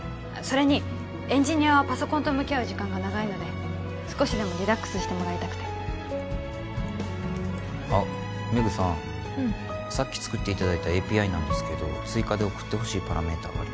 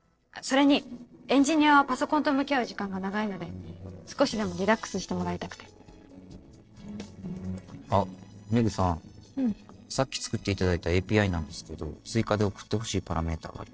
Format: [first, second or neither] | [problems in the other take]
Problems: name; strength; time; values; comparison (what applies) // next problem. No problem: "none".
first | noise reduction (neural separator model SepFormer DNS4)